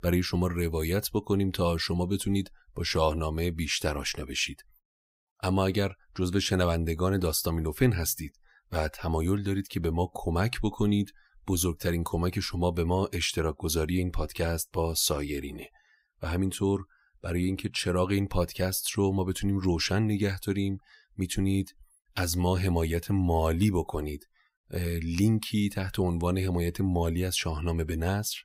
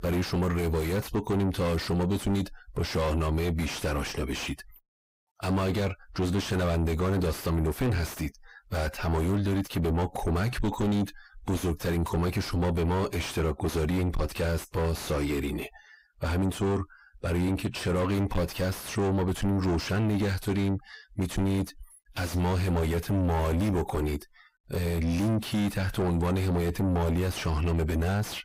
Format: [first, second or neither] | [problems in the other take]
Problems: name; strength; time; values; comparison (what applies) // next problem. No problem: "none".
first | distortion; heavy; 6 dB below the speech